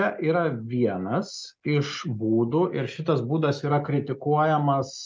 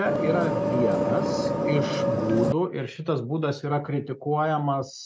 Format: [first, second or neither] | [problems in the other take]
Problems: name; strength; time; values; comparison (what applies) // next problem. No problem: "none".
first | background sound (Vehicle); 2 dB above the speech